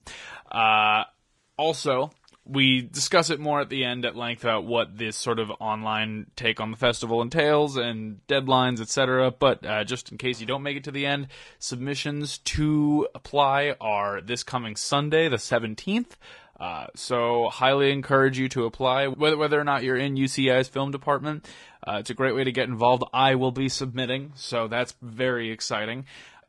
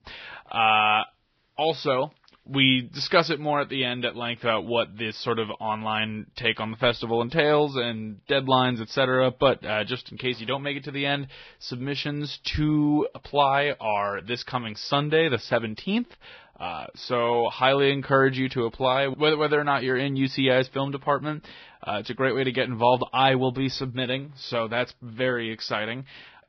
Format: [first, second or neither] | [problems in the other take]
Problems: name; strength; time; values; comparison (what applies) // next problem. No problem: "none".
first | garbled, watery; badly; nothing above 5.5 kHz; slightly in the first